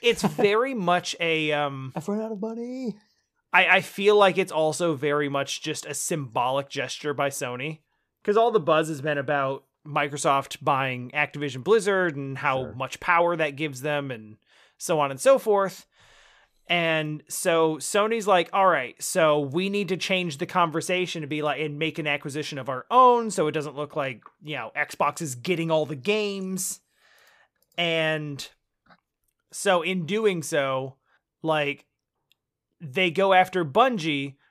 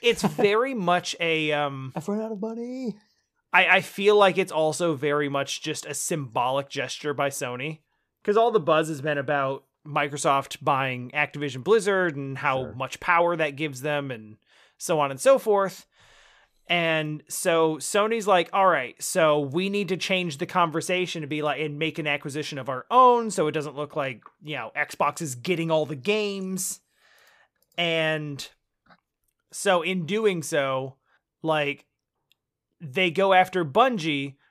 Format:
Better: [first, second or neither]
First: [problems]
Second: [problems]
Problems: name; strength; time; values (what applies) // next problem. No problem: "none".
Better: neither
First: none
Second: none